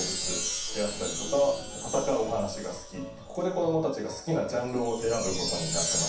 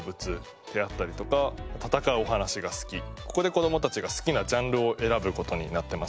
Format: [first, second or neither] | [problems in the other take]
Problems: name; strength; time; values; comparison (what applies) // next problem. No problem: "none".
second | background sound (Chime); 5 dB below the speech // room echo; dies away in 0.7 s